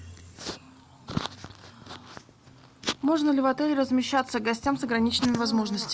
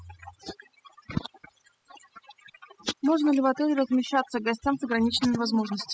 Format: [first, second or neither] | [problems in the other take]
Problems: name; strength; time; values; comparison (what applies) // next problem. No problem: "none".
first | noise reduction (classical method spectral subtraction)